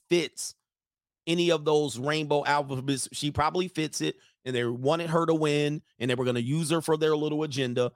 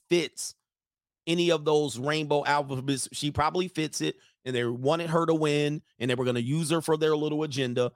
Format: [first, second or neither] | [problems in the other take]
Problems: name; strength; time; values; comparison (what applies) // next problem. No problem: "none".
neither | none